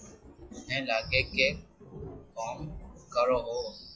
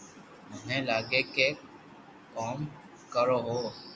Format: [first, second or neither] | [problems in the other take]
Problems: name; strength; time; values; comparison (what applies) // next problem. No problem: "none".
second | noise reduction (classical method log-MMSE)